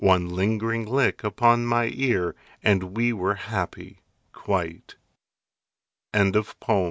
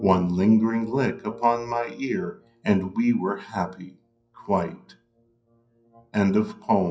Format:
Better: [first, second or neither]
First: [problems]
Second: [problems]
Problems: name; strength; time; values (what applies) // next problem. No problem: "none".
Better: first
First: none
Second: noise reduction (classical method WPE with log-MMSE)